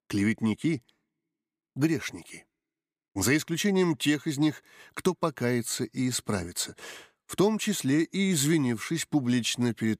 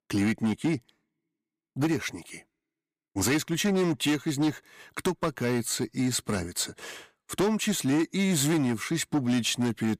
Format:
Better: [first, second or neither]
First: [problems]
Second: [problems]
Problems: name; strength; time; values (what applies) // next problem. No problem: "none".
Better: first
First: none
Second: distortion; slight; 8% of the sound clipped